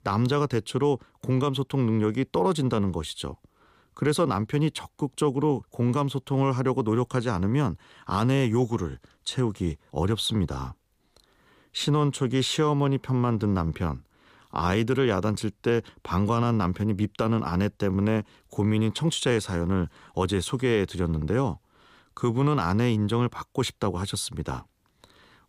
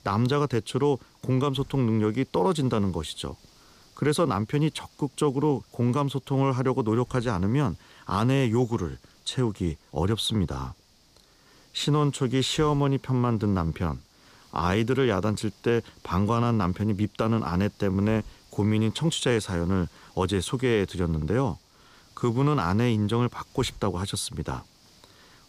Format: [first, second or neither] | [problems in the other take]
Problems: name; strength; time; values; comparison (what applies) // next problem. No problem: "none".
first | hiss; faint; throughout; 30 dB below the speech